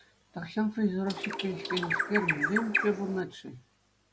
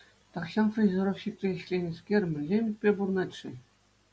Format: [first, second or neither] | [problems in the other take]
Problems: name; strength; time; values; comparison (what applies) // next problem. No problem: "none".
second | background sound (Bird); as loud as the speech